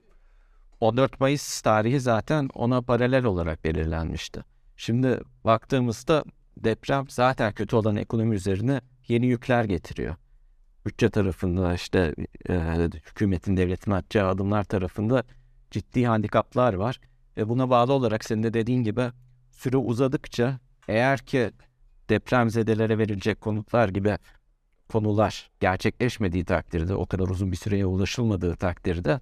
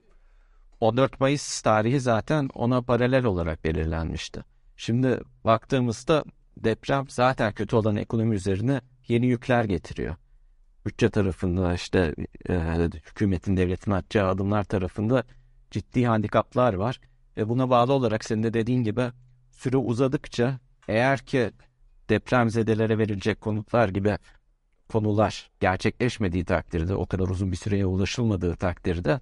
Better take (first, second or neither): first